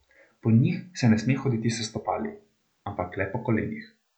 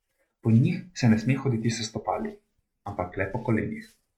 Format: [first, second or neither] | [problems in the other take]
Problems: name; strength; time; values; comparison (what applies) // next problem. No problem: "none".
first | noise reduction (neural mask model RNNoise)